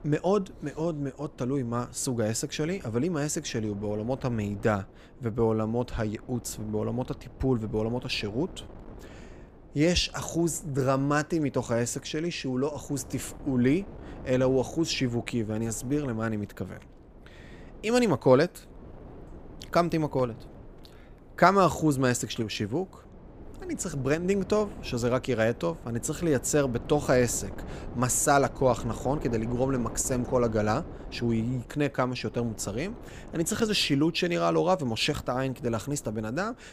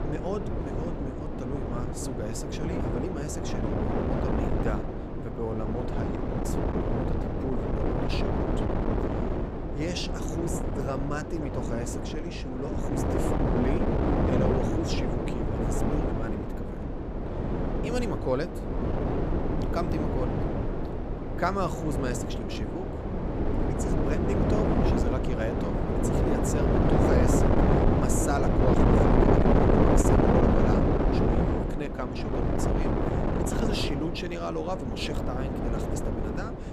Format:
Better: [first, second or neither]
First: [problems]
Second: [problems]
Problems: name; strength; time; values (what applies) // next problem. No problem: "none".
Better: first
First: wind noise on the microphone; occasional gusts; 20 dB below the speech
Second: wind noise on the microphone; heavy; 5 dB above the speech